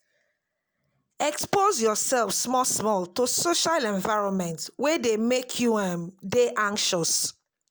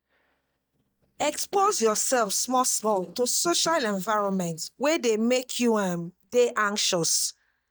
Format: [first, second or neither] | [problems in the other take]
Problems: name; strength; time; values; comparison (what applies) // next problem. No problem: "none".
first | noise reduction (neural mask model DeepFilterNet 3)